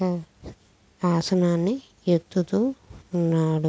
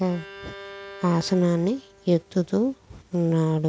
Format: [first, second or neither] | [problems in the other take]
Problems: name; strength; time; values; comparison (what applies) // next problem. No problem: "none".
first | background sound (Bowed string instrument); 20 dB below the speech